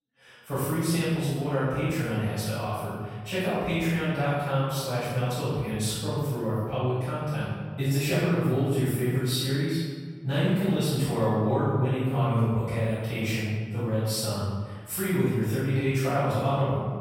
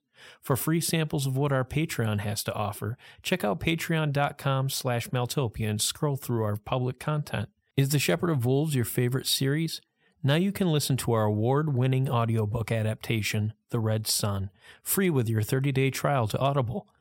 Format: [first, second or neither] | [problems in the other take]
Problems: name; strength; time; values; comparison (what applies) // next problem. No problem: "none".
second | off-mic speech; far // room echo; strong; dies away in 1.5 s